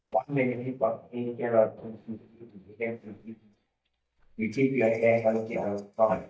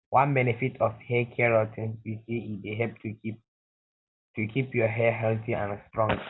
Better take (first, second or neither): second